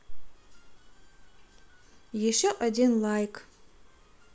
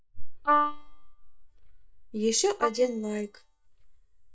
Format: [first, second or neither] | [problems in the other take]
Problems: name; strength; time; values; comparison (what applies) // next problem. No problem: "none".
first | noise reduction (neural mask model DeepFilterNet 3)